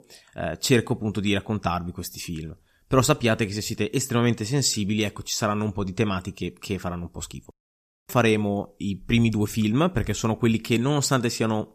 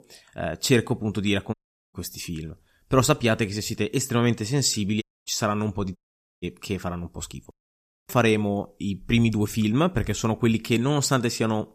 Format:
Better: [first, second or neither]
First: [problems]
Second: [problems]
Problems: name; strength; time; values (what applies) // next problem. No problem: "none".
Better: first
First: none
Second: audio cutting out; at 1.5 s, at 5 s and at 6 s